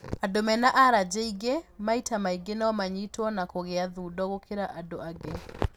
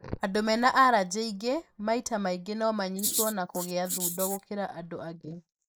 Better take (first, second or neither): first